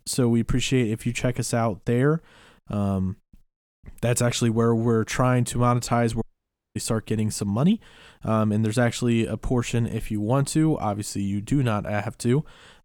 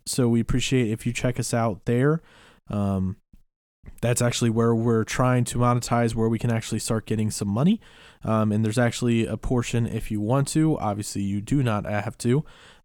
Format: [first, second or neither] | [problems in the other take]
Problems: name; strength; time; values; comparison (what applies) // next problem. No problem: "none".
second | audio cutting out; at 6 s for 0.5 s